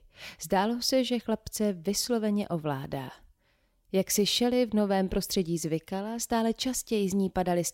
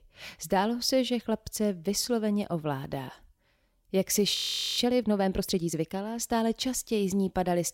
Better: first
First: none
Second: audio freezing; at 4.5 s

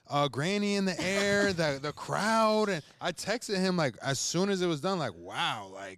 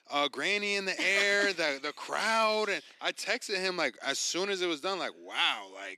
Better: first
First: none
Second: thin; somewhat; fading below 300 Hz

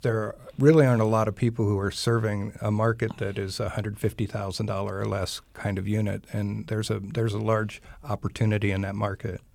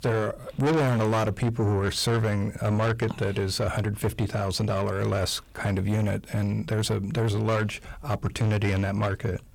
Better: first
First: none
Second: distortion; heavy; 6 dB below the speech

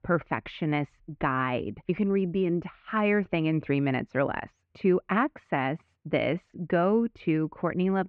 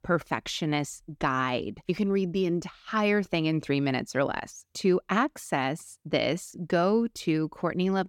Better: second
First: muffled; very; fading above 2.5 kHz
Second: none

